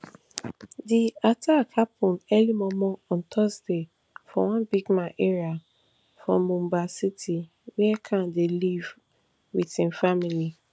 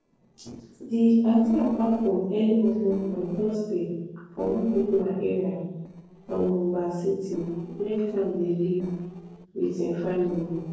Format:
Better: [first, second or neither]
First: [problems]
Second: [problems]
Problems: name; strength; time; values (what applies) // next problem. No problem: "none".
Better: first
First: none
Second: noise reduction (neural separator model SepFormer DNS4)